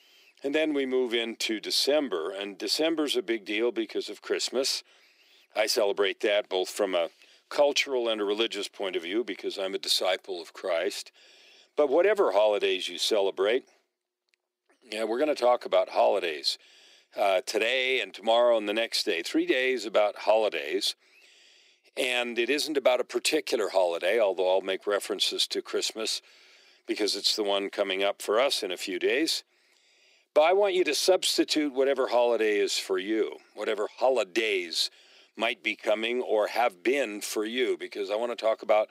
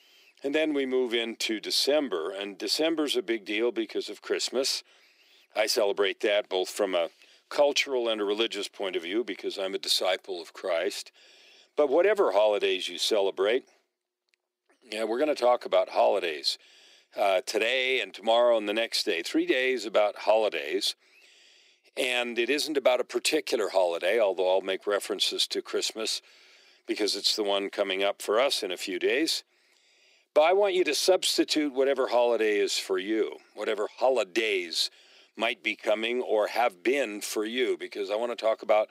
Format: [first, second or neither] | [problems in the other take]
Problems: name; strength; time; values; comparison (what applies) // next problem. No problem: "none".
neither | thin; very; fading below 350 Hz; the same in both